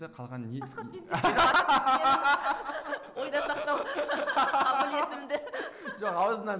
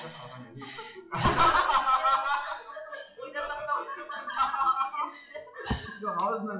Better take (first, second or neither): first